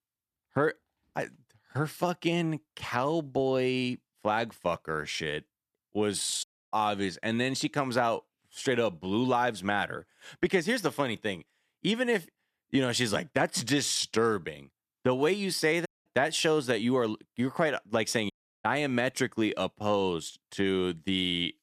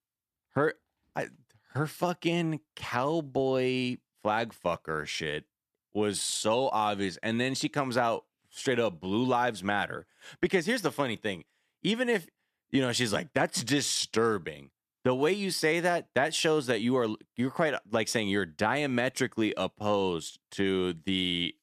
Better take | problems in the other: second | audio cutting out; at 6.5 s, at 16 s and at 18 s

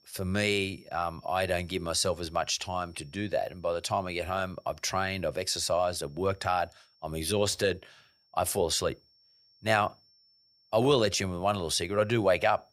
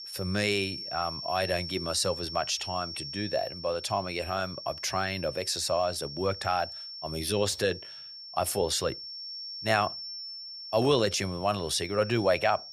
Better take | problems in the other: first | high-pitched whine; loud; throughout; 5.5 kHz, 9 dB below the speech; faint in the first

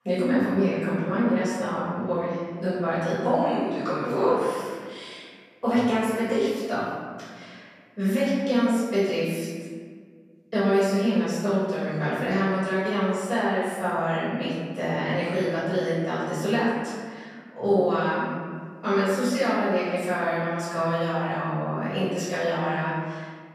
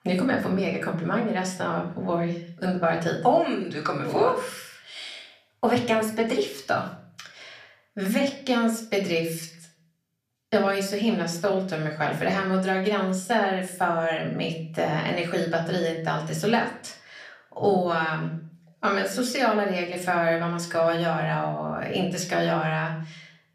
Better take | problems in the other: second | room echo; strong; dies away in 1.6 s; slight in the second // off-mic speech; far; somewhat distant in the second

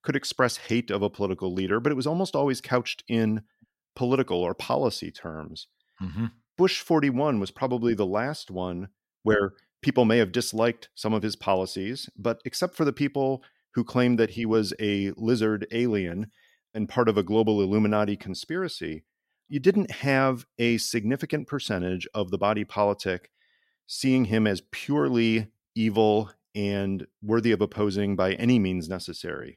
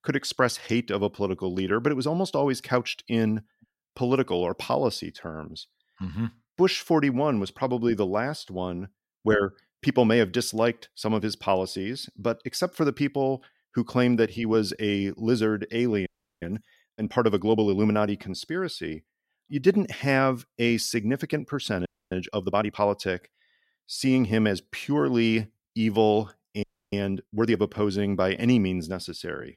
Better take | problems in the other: first | audio freezing; at 16 s, at 22 s and at 27 s

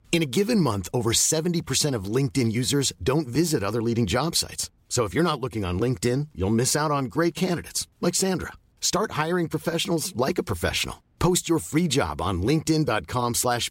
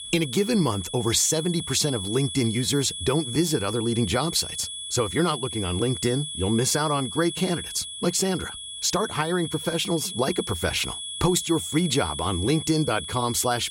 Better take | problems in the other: first | high-pitched whine; loud; throughout; 3.5 kHz, 7 dB below the speech

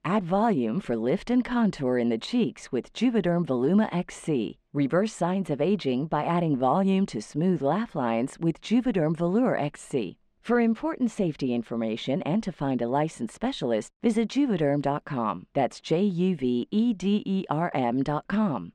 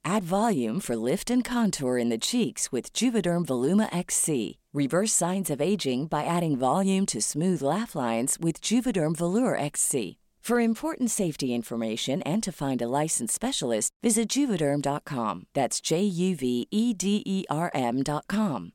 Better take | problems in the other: second | muffled; very; fading above 2.5 kHz

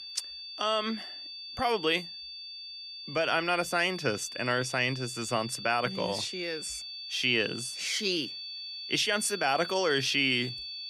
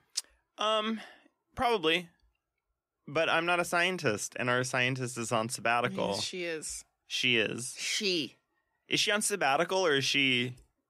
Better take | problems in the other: second | high-pitched whine; loud; throughout; 4.5 kHz, 9 dB below the speech

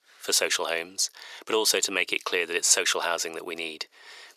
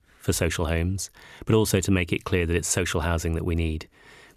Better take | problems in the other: second | thin; very; fading below 500 Hz

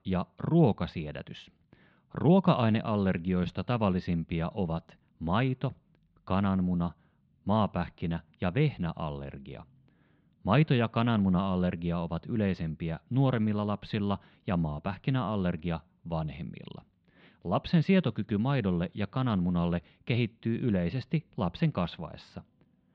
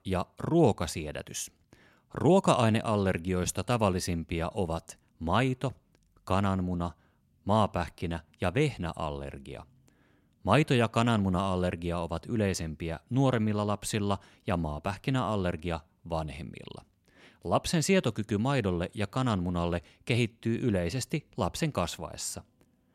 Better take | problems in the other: second | muffled; slightly; fading above 4 kHz

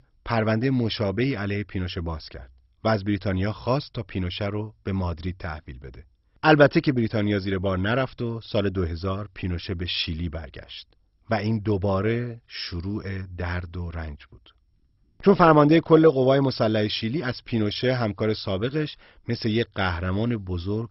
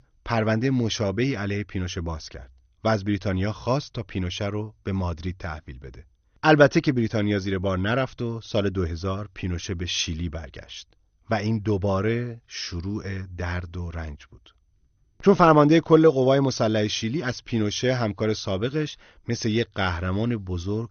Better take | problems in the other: second | garbled, watery; badly; nothing above 5.5 kHz; slightly in the second

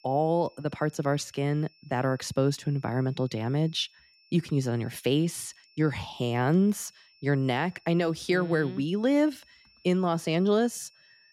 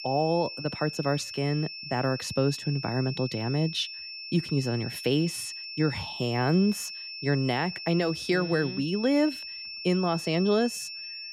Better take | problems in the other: first | high-pitched whine; loud; throughout; 5.5 kHz, 8 dB below the speech; faint in the first

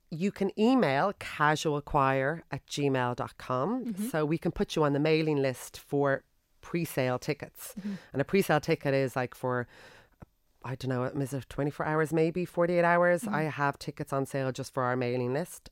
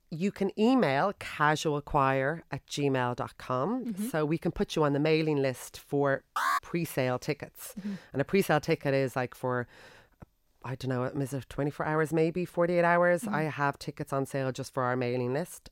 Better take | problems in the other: first | alarm; loud; at 6.5 s; peak level with the speech

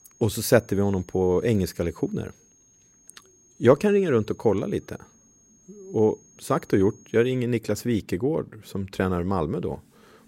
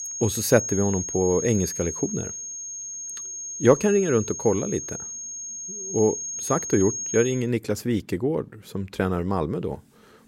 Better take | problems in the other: first | high-pitched whine; loud; until 7.5 s; 6.5 kHz, 6 dB below the speech; faint in the first

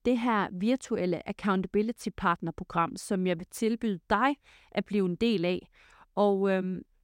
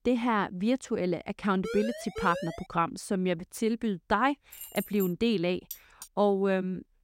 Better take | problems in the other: first | siren; noticeable; from 1.5 to 2.5 s; peak 7 dB below the speech // jangling keys; faint; at 4.5 s; peak 10 dB below the speech // clattering dishes; faint; at 5.5 s; peak 15 dB below the speech

